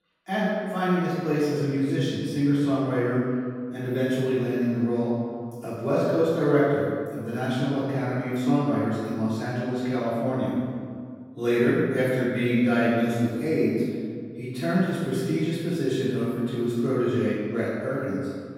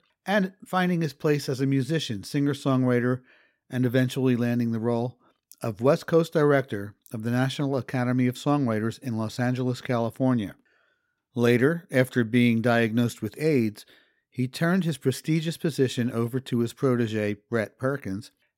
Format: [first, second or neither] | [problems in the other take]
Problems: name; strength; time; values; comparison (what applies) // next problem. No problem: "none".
second | off-mic speech; far // room echo; strong; dies away in 1.7 s